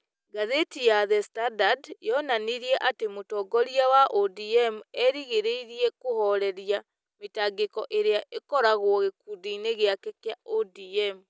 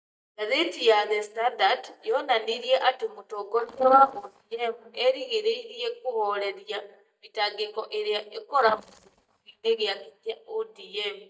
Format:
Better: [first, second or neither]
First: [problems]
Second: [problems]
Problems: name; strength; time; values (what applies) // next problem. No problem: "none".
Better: first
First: none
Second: noise reduction (neural mask model DeepFilterNet 3)